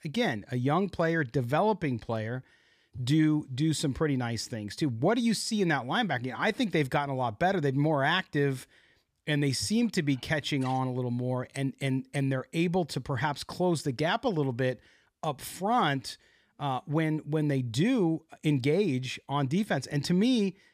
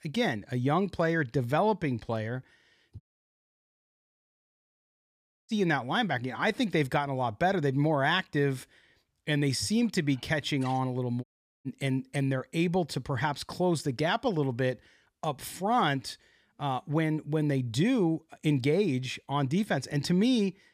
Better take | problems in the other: first | audio cutting out; at 3 s for 2.5 s and at 11 s

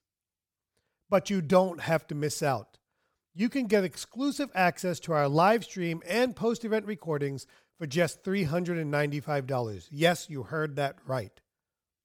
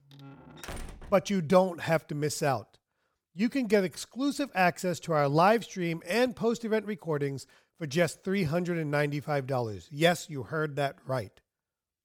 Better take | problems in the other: first | door banging; faint; until 1 s; peak 15 dB below the speech

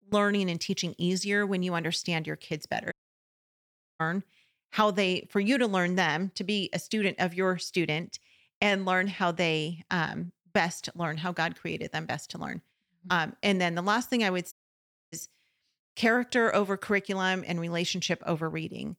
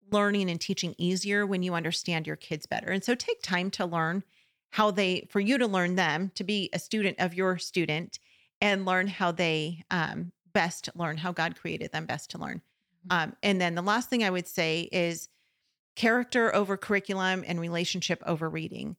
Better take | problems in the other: second | audio cutting out; at 3 s for 1 s and at 15 s for 0.5 s

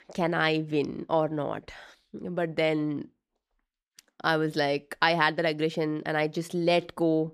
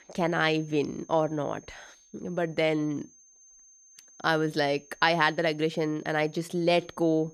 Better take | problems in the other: first | high-pitched whine; faint; throughout; 6.5 kHz, 25 dB below the speech

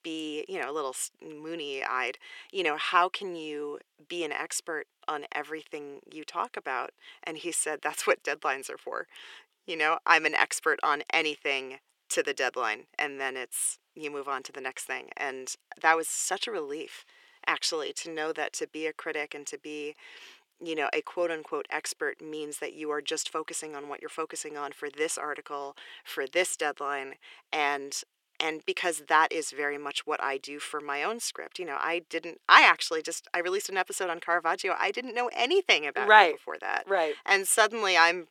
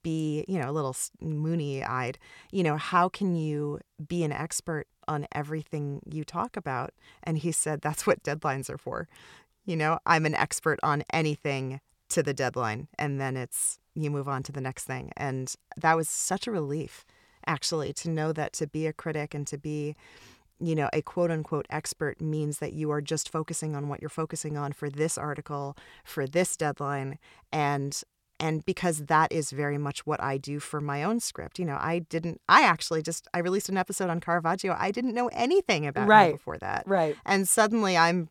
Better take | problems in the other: second | thin; very; fading below 350 Hz

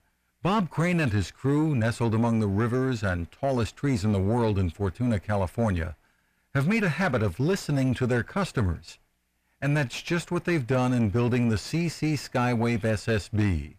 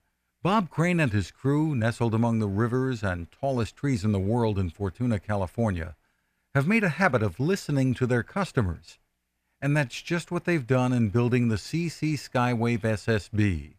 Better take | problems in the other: second | distortion; slight; 9 dB below the speech

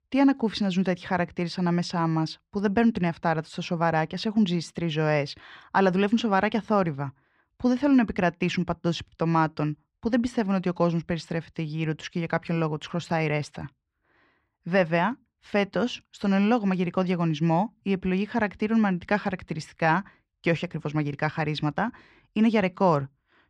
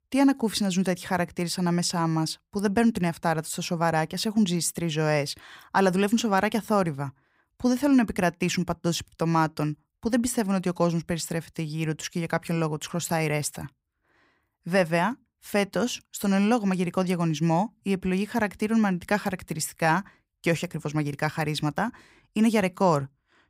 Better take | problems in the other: second | muffled; very slightly; fading above 4 kHz

